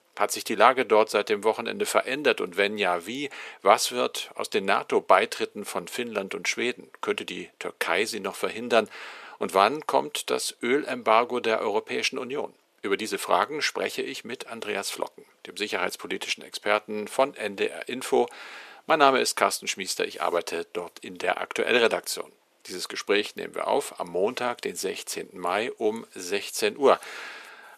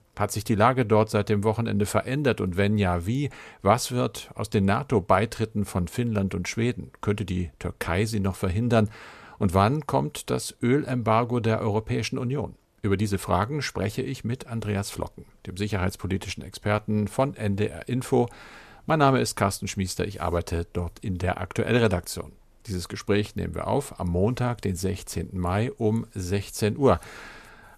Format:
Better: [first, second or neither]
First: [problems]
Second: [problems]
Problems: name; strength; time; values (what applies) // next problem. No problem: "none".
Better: second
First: thin; somewhat; fading below 350 Hz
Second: none